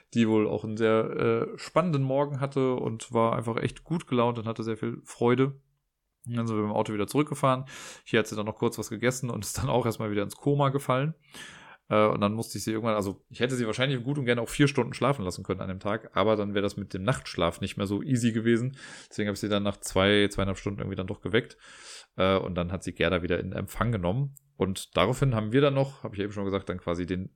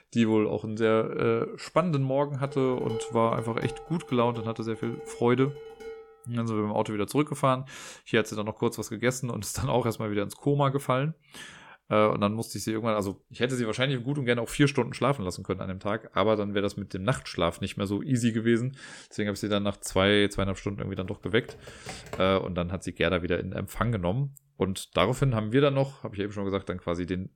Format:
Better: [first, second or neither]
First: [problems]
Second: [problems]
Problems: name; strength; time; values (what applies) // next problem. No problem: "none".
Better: first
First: none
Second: clattering dishes; noticeable; from 2.5 to 6 s; peak 8 dB below the speech // keyboard typing; faint; from 21 to 22 s; peak 15 dB below the speech